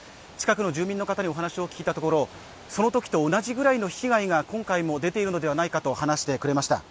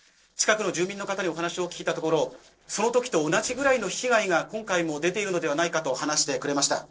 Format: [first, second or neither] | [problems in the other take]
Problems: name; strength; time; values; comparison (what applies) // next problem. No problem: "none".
first | noise reduction (neural separator model SepFormer DNS4)